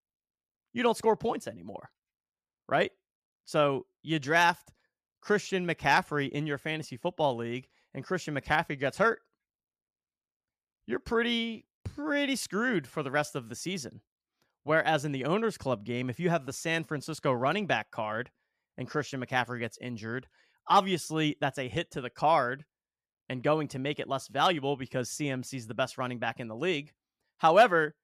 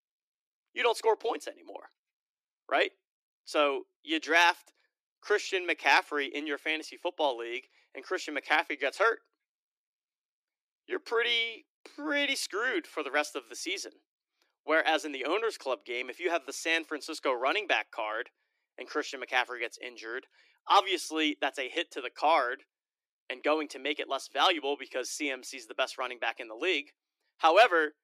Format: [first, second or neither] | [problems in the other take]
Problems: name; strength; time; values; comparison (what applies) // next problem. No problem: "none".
first | thin; somewhat; fading below 300 Hz